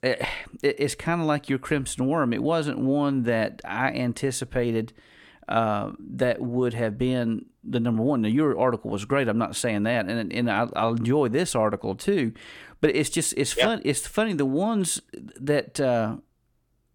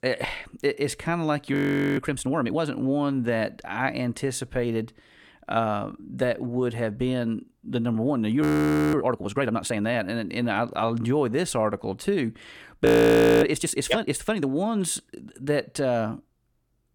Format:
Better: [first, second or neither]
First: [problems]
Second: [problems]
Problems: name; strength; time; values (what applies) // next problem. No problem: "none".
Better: first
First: none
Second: audio freezing; at 1.5 s, at 8.5 s for 0.5 s and at 13 s for 0.5 s